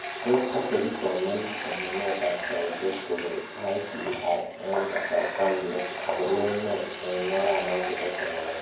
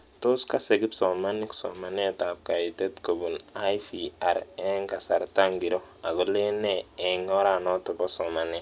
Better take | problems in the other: second | background sound (Water tap, faucet); 5 dB below the speech // room echo; dies away in 0.9 s

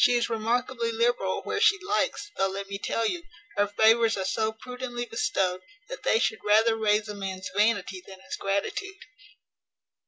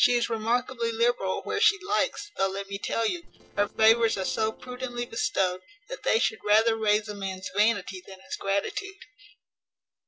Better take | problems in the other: first | noise reduction (neural separator model SepFormer DNS4)

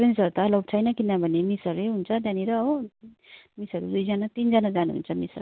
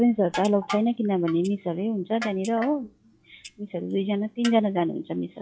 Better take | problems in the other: first | noise reduction (classical method log-MMSE)

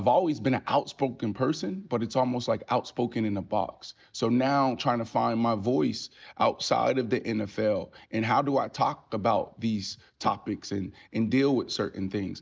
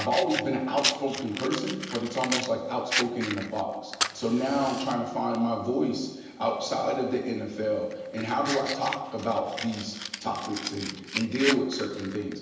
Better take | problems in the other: first | background sound (Fire); 7 dB below the speech // room echo; dies away in 1 s

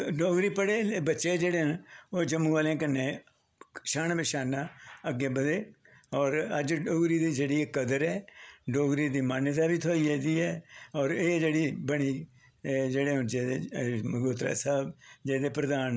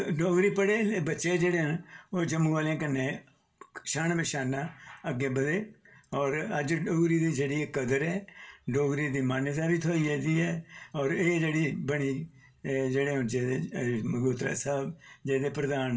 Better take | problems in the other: first | room echo; dies away in 0.2 s

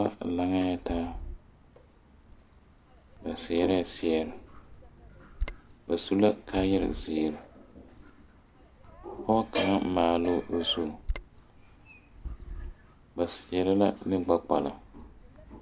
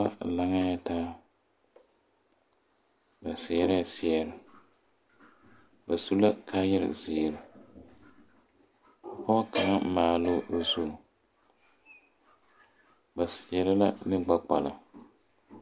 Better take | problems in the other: second | background sound (Bird vocalization, bird call, bird song); 13 dB below the speech

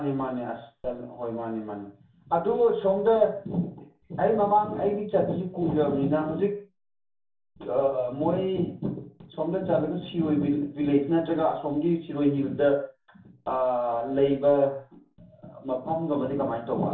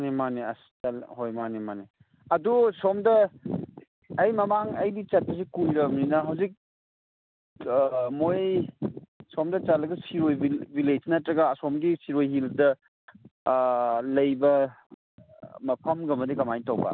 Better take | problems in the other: second | room echo; dies away in 0.4 s

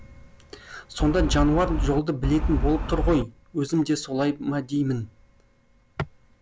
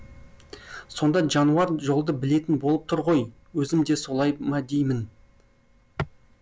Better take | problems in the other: second | background sound (Wind); 1 dB above the speech

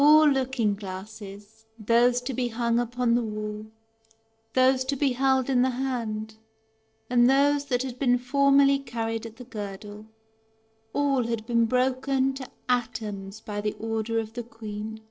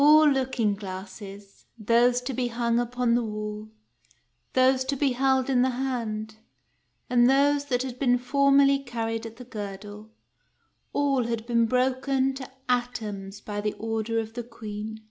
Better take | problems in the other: second | noise reduction (neural separator model SepFormer DNS4)

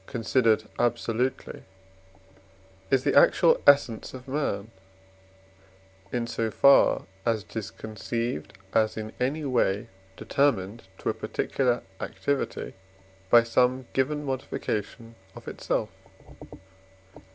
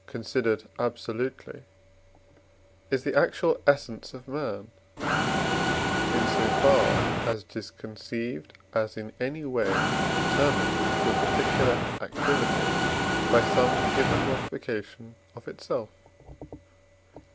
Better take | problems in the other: first | background sound (Mechanisms); 4 dB above the speech

